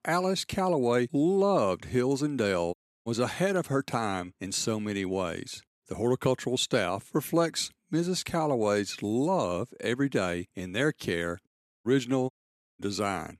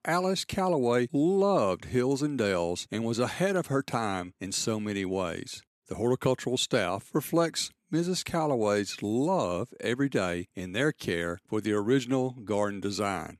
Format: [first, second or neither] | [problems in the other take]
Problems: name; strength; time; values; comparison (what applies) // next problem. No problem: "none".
second | audio cutting out; at 2.5 s, at 11 s and at 12 s